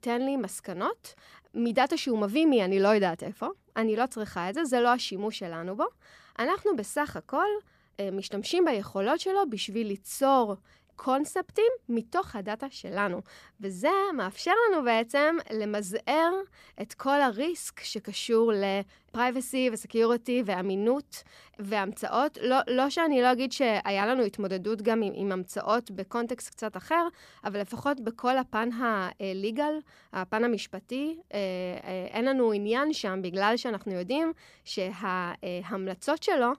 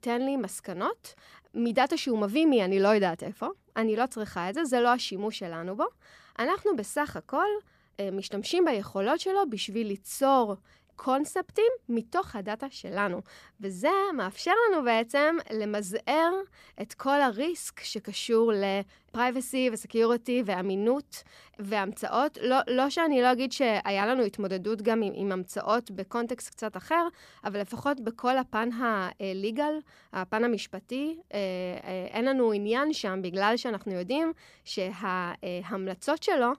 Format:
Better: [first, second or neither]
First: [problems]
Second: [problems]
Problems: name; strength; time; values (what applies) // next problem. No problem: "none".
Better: neither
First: none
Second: none